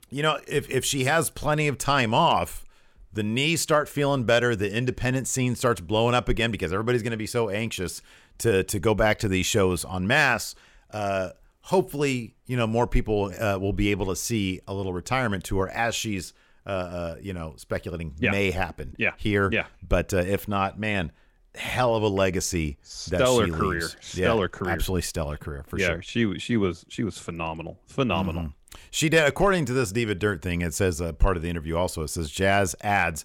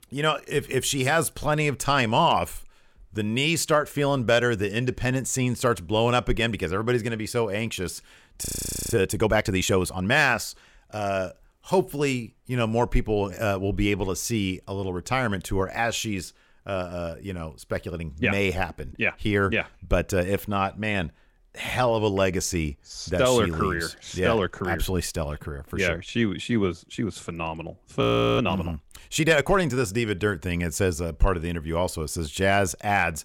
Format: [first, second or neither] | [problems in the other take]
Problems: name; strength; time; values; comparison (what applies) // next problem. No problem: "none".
first | audio freezing; at 8.5 s and at 28 s